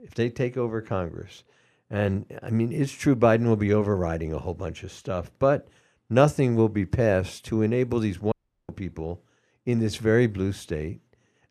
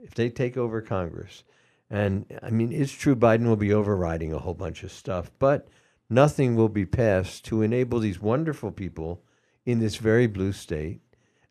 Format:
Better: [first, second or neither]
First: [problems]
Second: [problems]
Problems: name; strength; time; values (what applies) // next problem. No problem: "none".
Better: second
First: audio cutting out; at 8.5 s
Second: none